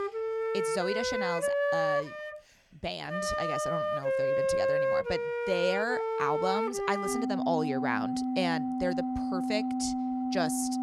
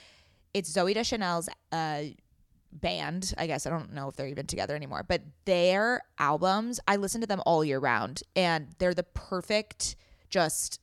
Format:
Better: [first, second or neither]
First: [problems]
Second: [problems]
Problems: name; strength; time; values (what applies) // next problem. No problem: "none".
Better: second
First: background music; very loud; throughout; 3 dB above the speech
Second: none